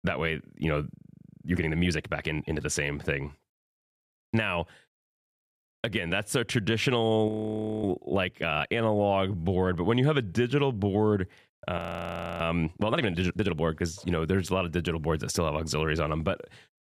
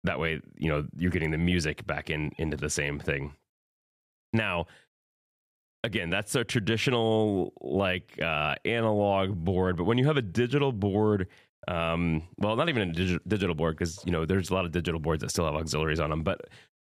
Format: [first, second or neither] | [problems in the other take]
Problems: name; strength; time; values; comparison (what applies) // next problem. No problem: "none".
second | audio freezing; at 1 s for 0.5 s, at 7.5 s for 0.5 s and at 12 s for 0.5 s